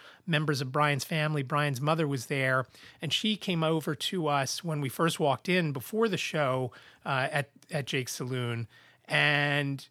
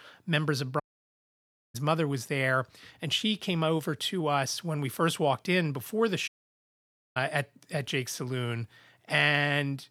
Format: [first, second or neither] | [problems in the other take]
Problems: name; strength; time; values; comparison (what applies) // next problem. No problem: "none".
first | audio cutting out; at 1 s for 1 s and at 6.5 s for 1 s